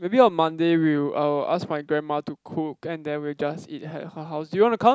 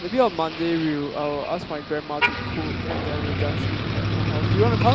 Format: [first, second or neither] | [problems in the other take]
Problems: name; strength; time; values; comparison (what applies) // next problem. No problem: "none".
first | background sound (Motor vehicle (road)); 1 dB above the speech